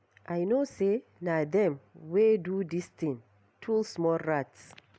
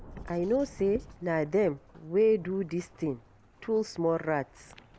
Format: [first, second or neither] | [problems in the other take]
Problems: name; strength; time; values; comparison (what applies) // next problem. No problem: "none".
first | background sound (Rain / Thunderstorm + Writing); 20 dB below the speech